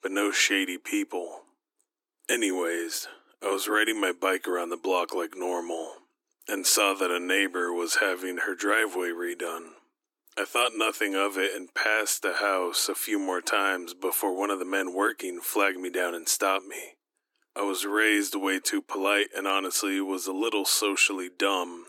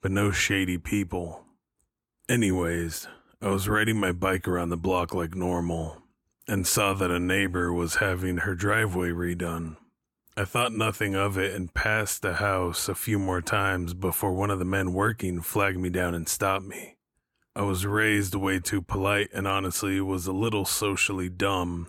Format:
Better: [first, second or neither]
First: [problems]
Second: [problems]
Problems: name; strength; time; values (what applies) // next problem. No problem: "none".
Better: second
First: thin; somewhat; fading below 300 Hz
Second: none